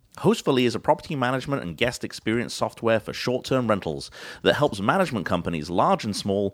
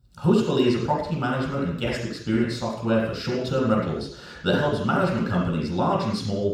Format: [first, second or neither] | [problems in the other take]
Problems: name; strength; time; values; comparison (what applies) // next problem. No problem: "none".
first | room echo; noticeable; dies away in 0.7 s // off-mic speech; far